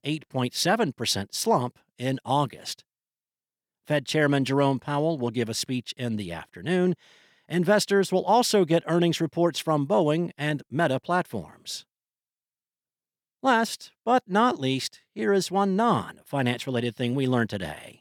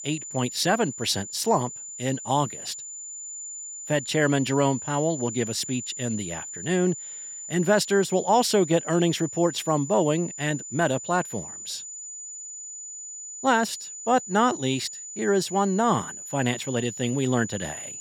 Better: first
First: none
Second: high-pitched whine; loud; throughout; 7 kHz, 10 dB below the speech

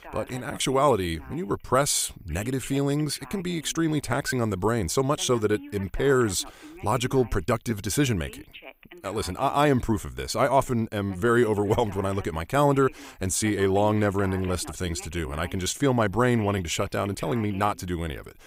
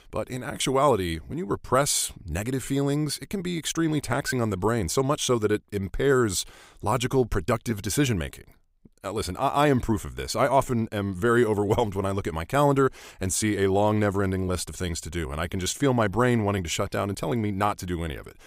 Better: second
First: alarms or sirens; noticeable; throughout; 20 dB below the speech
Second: none

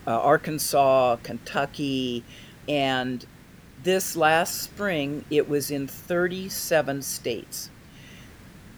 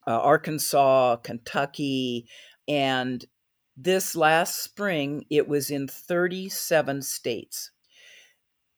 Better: second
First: hiss; faint; throughout; 25 dB below the speech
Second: none

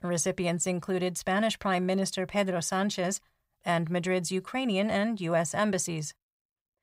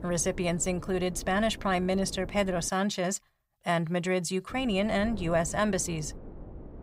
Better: first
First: none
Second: wind noise on the microphone; occasional gusts; until 2.5 s and from 4.5 s on; 20 dB below the speech

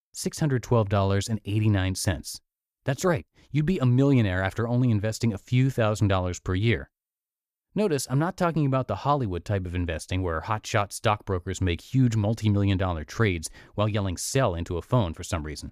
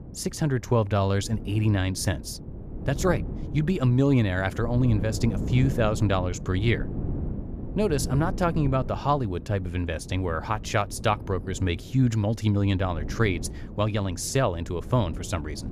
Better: first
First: none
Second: wind noise on the microphone; occasional gusts; 15 dB below the speech

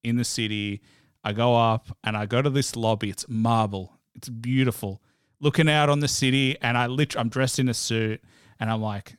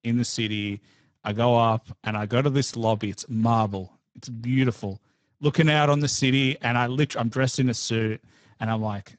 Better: first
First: none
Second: garbled, watery; badly; nothing above 7.5 kHz

